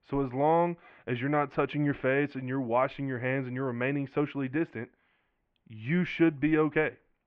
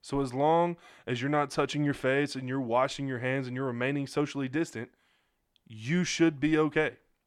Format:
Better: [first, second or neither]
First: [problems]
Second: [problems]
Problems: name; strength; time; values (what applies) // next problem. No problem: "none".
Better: second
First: muffled; very; fading above 2.5 kHz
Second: none